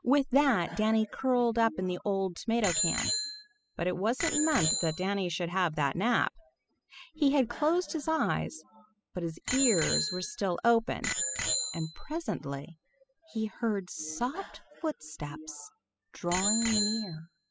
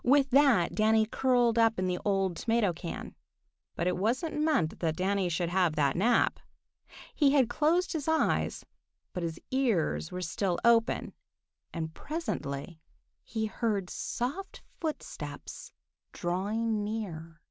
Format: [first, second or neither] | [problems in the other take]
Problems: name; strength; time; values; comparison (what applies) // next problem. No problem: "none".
second | noise reduction (classical method spectral subtraction)